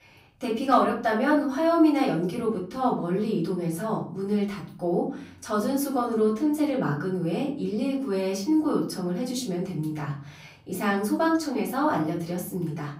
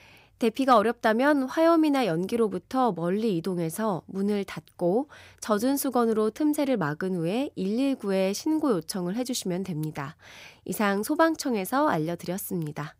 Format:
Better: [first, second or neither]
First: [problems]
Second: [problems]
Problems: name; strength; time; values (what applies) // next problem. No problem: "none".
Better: second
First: off-mic speech; far // room echo; slight; dies away in 0.5 s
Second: none